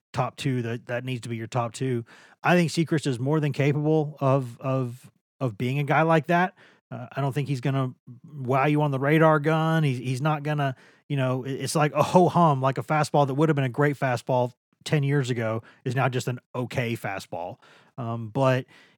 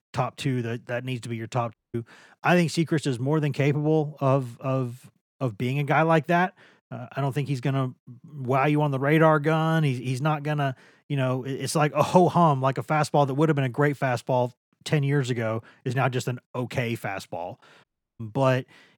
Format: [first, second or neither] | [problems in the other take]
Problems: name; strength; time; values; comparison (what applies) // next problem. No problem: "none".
first | audio cutting out; at 1.5 s and at 18 s